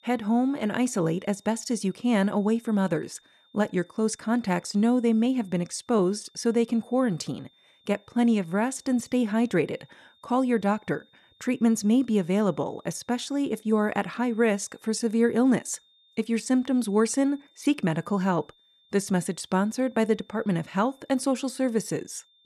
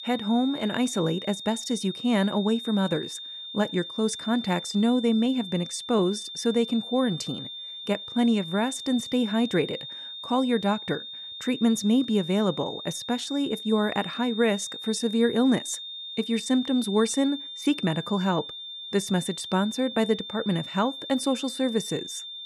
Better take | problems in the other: first | high-pitched whine; loud; throughout; 3.5 kHz, 9 dB below the speech; faint in the first

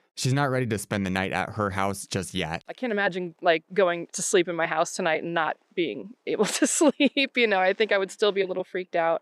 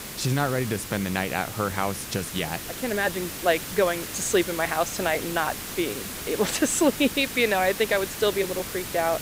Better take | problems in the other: first | hiss; loud; throughout; 8 dB below the speech

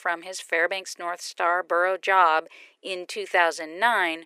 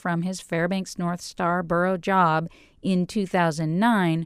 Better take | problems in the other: second | thin; very; fading below 400 Hz

